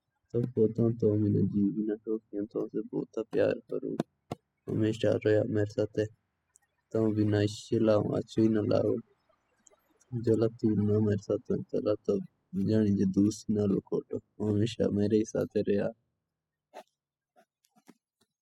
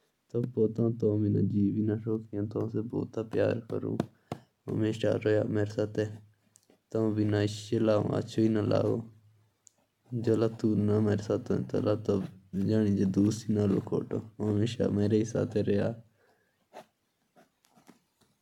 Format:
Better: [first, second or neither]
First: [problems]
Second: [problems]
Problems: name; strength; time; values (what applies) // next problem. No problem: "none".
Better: second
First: noise reduction (classical method spectral subtraction)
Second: none